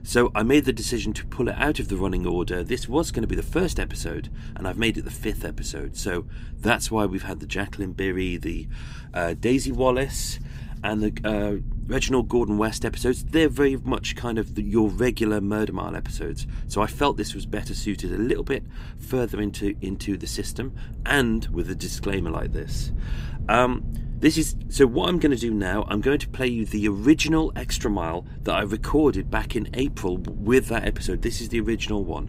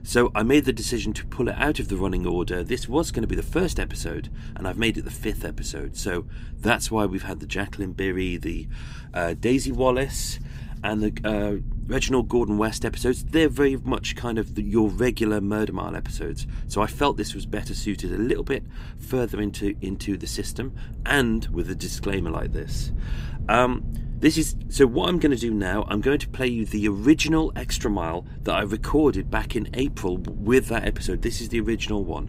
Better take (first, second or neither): neither